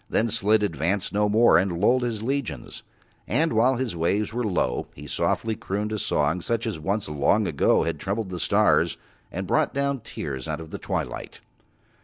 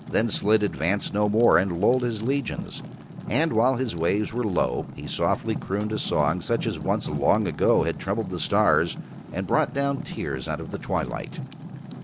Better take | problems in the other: first | background sound (Fire); 11 dB below the speech

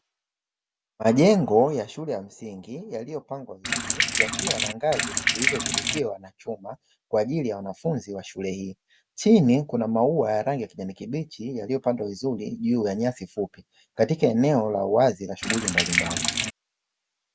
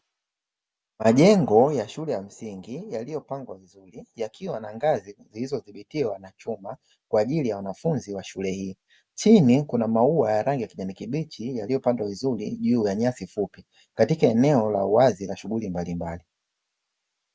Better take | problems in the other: second | background sound (Sink (filling or washing)); 1 dB above the speech

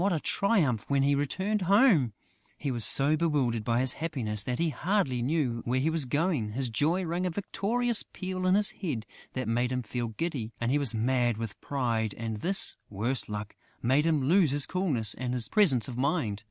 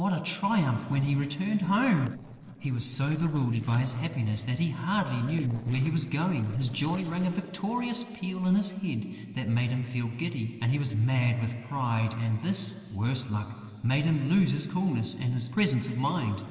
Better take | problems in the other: first | noise reduction (neural separator model SepFormer DNS4)

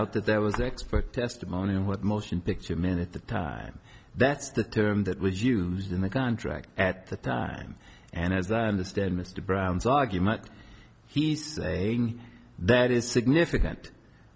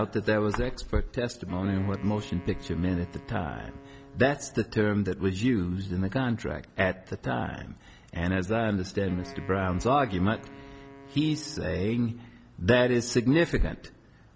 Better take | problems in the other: first | background sound (Wind instrument, woodwind instrument); 19 dB below the speech

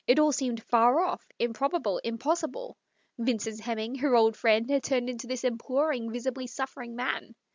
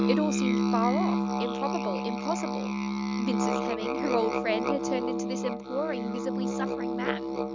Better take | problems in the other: first | background sound (Musical instrument); 4 dB above the speech

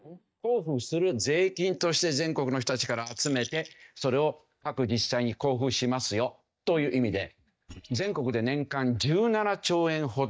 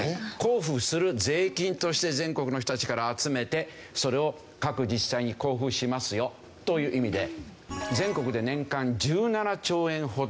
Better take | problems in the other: second | noise reduction (neural mask model DeepFilterNet 3)

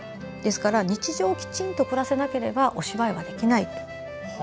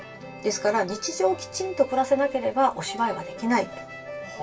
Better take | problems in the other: first | room echo; dies away in 0.1 s

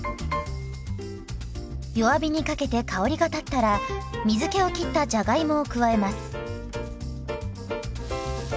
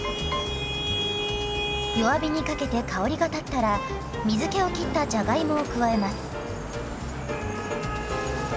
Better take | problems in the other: first | background sound (Traffic noise, roadway noise / Vehicle horn, car horn, honking); 4 dB below the speech

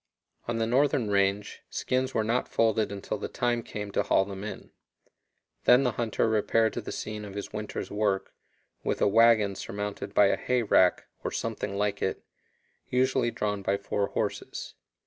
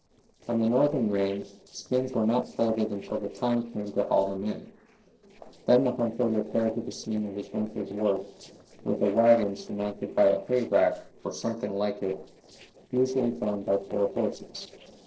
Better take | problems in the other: first | noise reduction (neural separator model SepFormer DNS4)

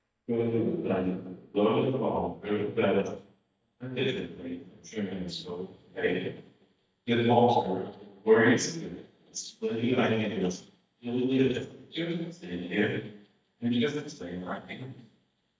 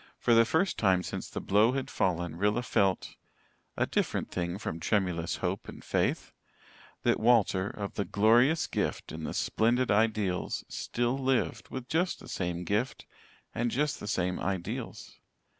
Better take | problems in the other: second | noise reduction (neural mask model DeepFilterNet 3)

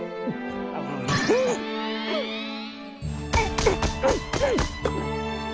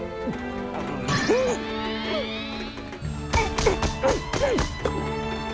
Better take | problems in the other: first | background sound (Rain); 13 dB below the speech

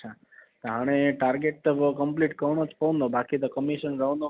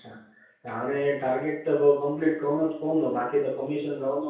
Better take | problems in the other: first | room echo; dies away in 0.6 s

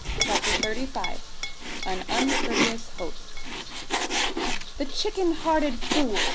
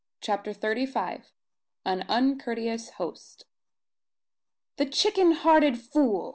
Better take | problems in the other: second | background sound (Frying (food) + Chink, clink); 3 dB above the speech

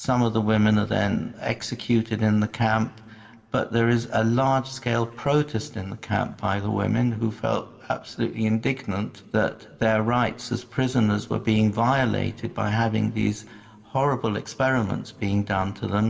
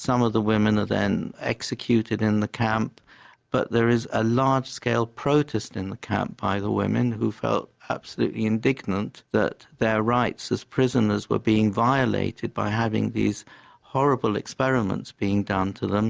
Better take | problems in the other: second | room echo; dies away in 3 s

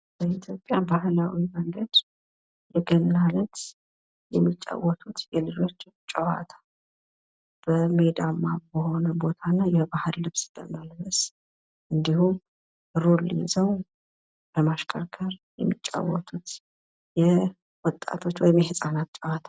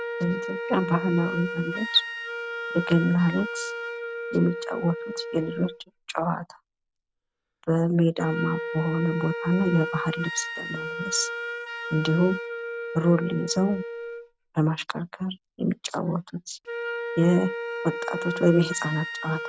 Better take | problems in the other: first | background sound (Wind instrument, woodwind instrument); 7 dB below the speech

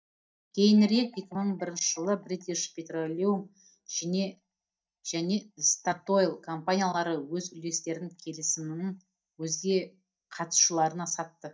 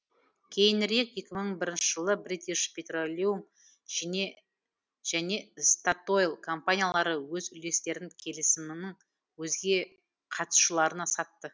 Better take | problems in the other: second | noise reduction (neural mask model DeepFilterNet 3)

